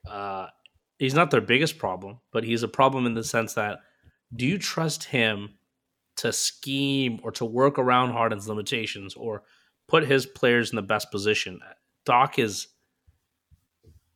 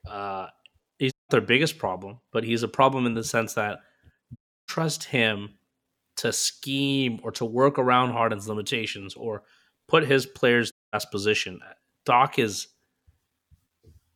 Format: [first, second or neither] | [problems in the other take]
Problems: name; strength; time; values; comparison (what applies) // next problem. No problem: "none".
first | audio cutting out; at 1 s, at 4.5 s and at 11 s